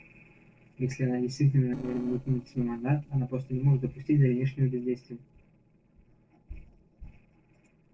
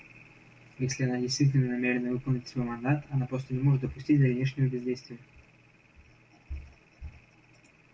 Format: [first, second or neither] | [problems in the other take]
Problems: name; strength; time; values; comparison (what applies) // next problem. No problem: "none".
second | noise reduction (neural separator model SepFormer DNS4)